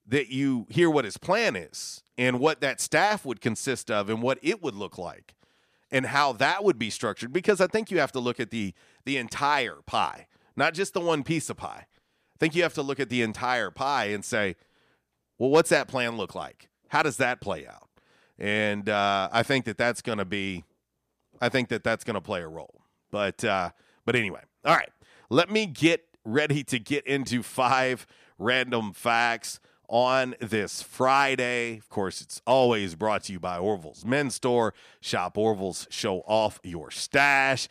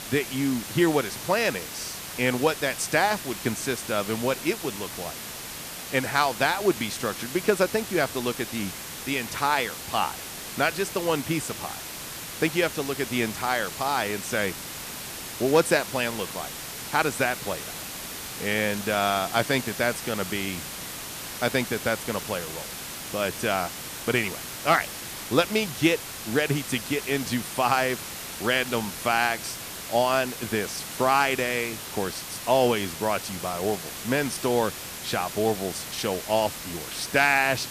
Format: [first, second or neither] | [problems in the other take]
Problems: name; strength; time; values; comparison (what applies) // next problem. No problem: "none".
first | hiss; loud; throughout; 8 dB below the speech